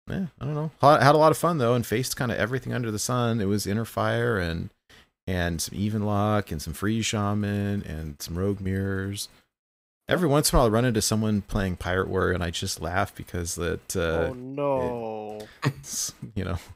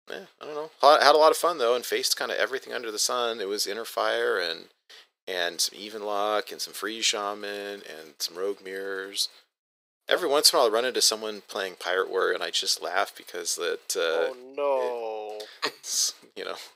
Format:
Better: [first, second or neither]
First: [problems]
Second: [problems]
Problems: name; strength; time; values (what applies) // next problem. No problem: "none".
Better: first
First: none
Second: thin; very; fading below 400 Hz